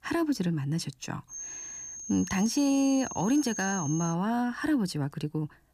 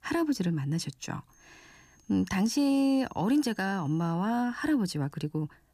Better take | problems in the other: second | high-pitched whine; loud; from 1.5 to 4 s; 6.5 kHz, 8 dB below the speech; faint in the second

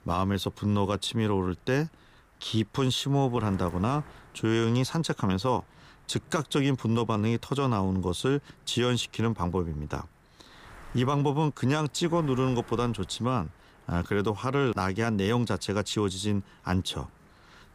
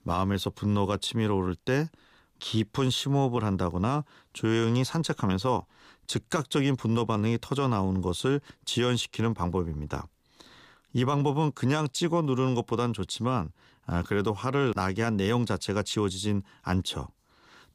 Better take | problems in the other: second | wind noise on the microphone; occasional gusts; 25 dB below the speech

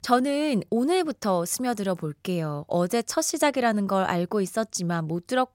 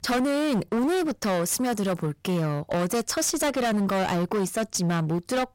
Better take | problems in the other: first | distortion; heavy; 28% of the sound clipped

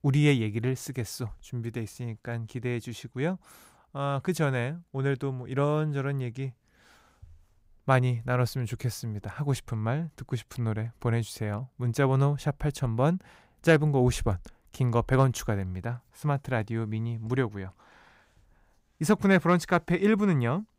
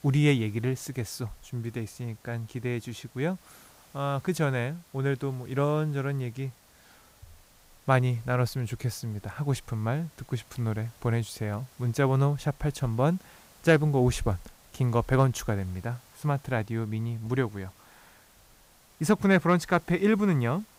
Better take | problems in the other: first | hiss; faint; throughout; 25 dB below the speech

